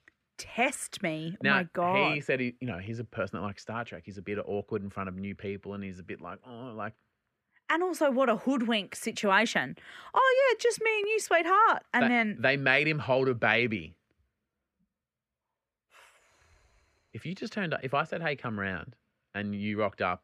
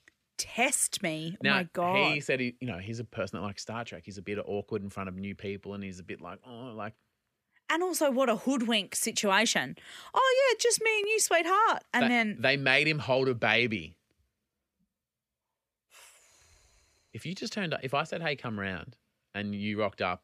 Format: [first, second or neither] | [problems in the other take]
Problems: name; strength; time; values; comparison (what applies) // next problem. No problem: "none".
second | muffled; slightly; fading above 3.5 kHz